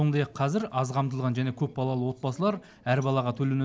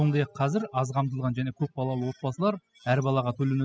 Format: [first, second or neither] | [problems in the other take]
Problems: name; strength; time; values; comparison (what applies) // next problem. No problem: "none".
first | noise reduction (classical method spectral subtraction)